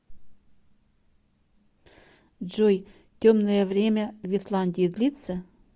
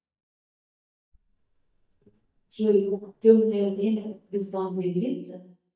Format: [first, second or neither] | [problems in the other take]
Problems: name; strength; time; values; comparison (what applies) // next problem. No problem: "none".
first | noise reduction (neural mask model DeepFilterNet 3)